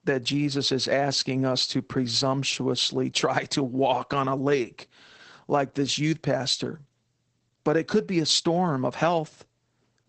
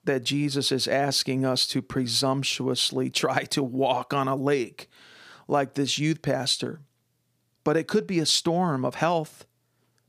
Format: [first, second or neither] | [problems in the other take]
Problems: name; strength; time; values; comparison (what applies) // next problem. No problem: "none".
second | garbled, watery; badly; nothing above 8 kHz